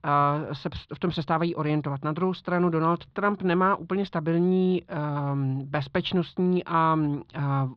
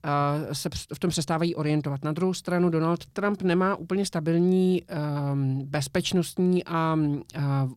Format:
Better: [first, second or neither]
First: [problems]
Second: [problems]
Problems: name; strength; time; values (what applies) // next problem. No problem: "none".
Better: second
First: muffled; very; fading above 3.5 kHz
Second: none